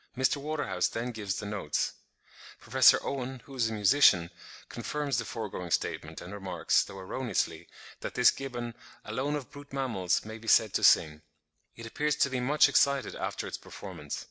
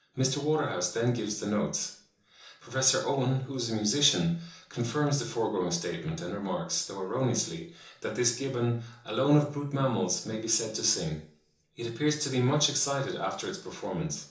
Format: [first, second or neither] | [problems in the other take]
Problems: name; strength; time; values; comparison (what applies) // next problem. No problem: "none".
first | room echo; dies away in 0.7 s